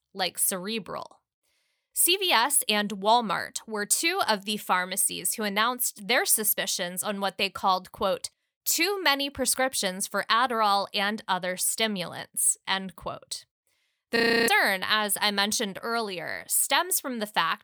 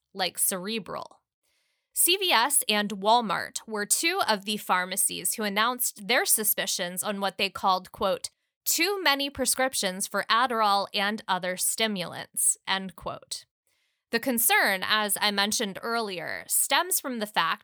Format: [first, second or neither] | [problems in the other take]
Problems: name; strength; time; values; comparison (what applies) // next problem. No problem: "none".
second | audio freezing; at 14 s